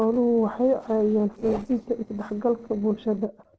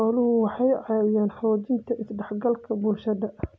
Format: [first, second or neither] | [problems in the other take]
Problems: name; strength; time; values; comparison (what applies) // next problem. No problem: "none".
second | noise reduction (neural separator model SepFormer DNS4)